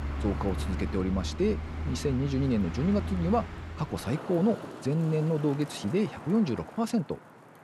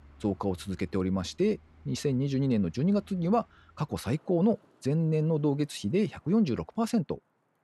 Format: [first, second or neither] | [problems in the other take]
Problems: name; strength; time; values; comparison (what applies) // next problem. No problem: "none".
second | traffic noise; loud; throughout; 8 dB below the speech; faint in the second